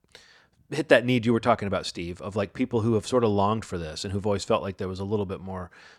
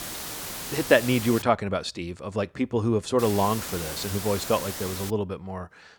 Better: first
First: none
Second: hiss; loud; until 1.5 s and from 3 to 5 s; 7 dB below the speech

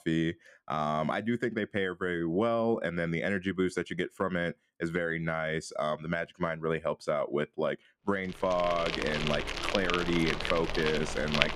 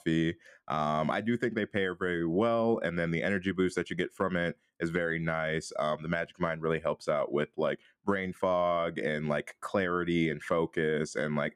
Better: second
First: animal sounds; loud; from 8.5 s on; 2 dB below the speech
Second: none

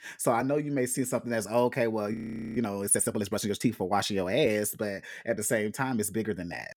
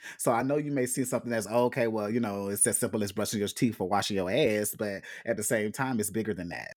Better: second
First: audio freezing; at 2 s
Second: none

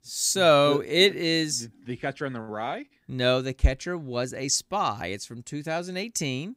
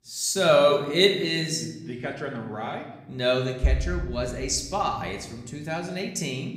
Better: first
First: none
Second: room echo; slight; dies away in 1 s

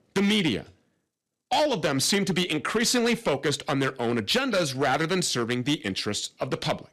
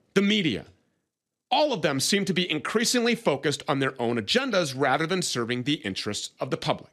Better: second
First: distortion; slight; 8% of the sound clipped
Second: none

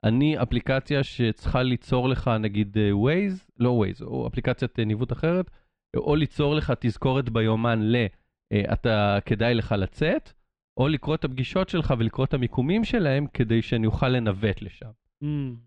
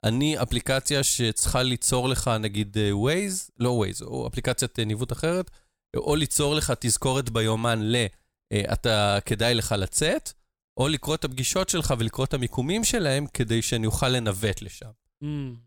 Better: second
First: muffled; very; fading above 3 kHz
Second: none

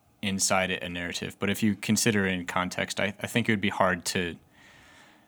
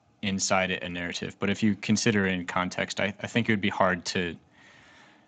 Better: first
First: none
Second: garbled, watery; slightly; nothing above 7.5 kHz

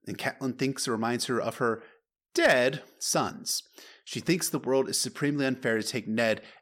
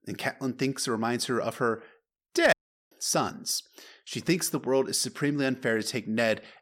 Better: first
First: none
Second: audio cutting out; at 2.5 s

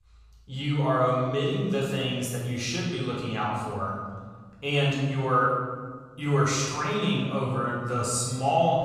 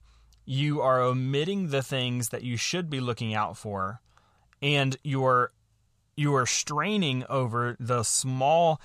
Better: second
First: room echo; noticeable; dies away in 1.4 s // off-mic speech; far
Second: none

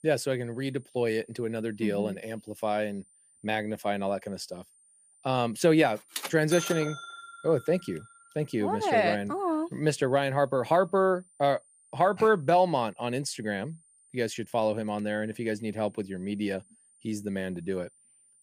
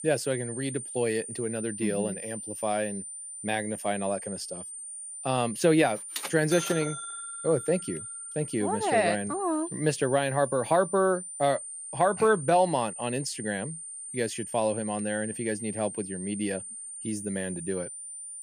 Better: first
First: high-pitched whine; faint; throughout; 9 kHz, 30 dB below the speech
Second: high-pitched whine; loud; throughout; 9 kHz, 8 dB below the speech

